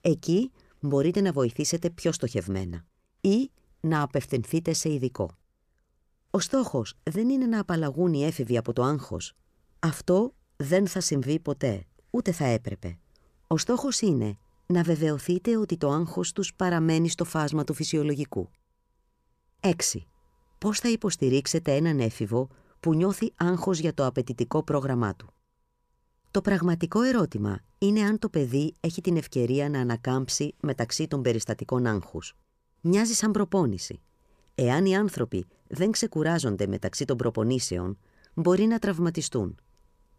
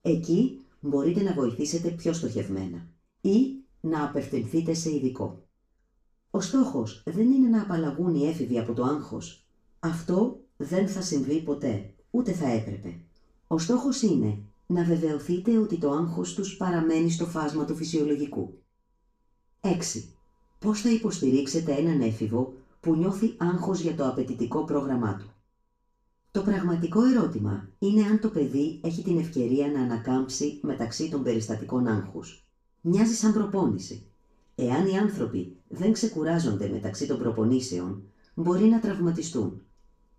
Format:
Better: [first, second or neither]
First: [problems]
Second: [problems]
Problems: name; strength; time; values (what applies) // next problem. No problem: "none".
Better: first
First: none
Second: room echo; slight; dies away in 0.3 s // off-mic speech; far